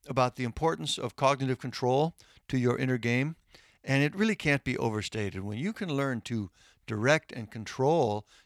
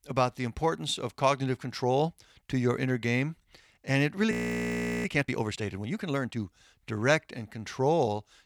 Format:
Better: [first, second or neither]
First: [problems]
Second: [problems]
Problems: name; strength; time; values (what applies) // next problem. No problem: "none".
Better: first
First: none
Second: audio freezing; at 4.5 s for 0.5 s